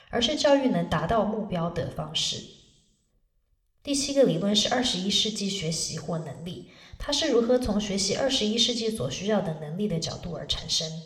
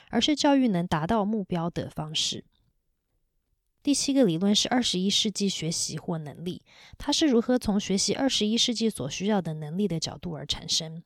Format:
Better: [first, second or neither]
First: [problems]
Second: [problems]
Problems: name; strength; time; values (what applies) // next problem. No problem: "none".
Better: second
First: room echo; very slight; dies away in 0.7 s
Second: none